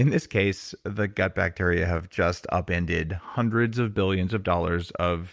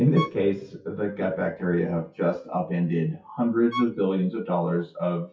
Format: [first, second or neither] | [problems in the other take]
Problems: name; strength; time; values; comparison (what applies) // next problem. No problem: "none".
first | noise reduction (classical method WPE with log-MMSE)